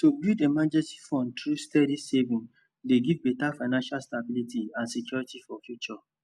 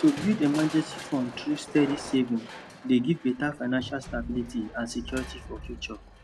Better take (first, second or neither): first